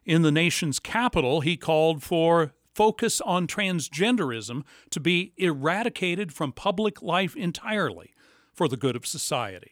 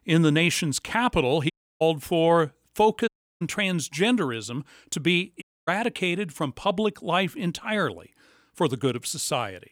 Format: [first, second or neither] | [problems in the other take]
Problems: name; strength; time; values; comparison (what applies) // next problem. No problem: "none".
first | audio cutting out; at 1.5 s, at 3 s and at 5.5 s